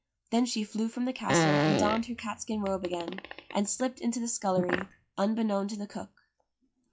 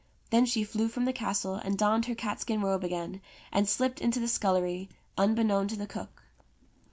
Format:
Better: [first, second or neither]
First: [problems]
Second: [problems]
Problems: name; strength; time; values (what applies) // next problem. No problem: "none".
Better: second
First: noise reduction (classical method log-MMSE)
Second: none